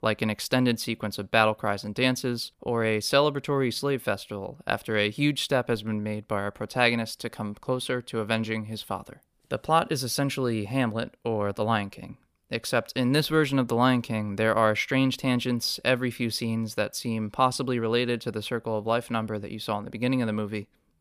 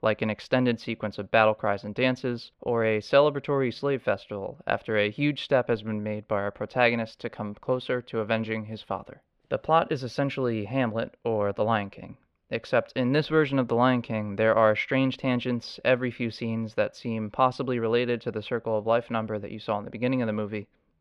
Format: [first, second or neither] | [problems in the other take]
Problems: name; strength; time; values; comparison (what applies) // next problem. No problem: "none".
first | muffled; slightly; fading above 2.5 kHz